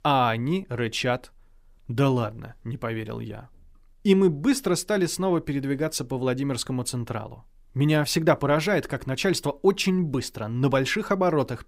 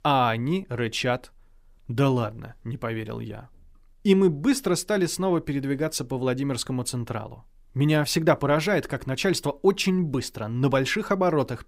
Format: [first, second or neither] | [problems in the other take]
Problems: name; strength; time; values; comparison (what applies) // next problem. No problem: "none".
neither | none